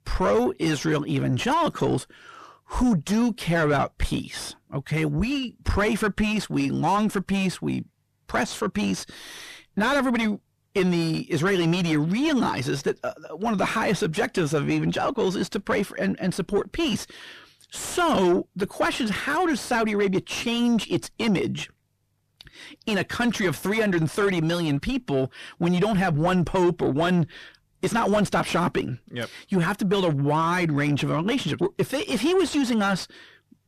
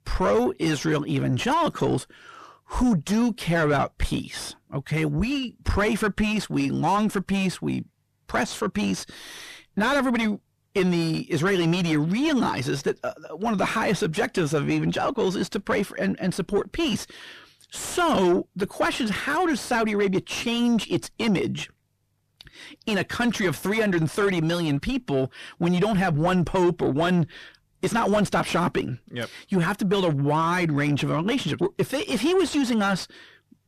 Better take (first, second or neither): neither